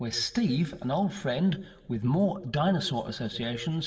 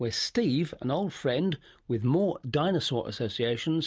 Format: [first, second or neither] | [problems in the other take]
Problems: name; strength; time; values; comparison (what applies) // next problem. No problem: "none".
second | room echo; dies away in 2.4 s